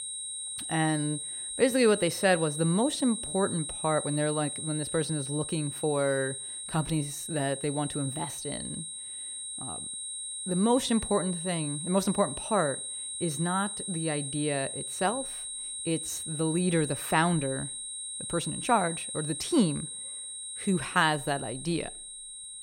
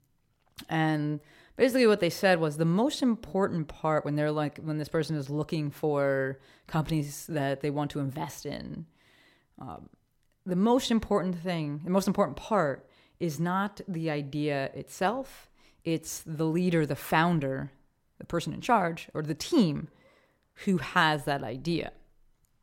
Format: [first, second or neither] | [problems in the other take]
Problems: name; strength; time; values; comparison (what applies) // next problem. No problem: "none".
second | high-pitched whine; loud; throughout; 8.5 kHz, 5 dB below the speech